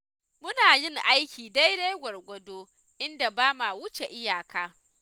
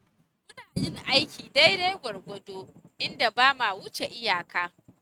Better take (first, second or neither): first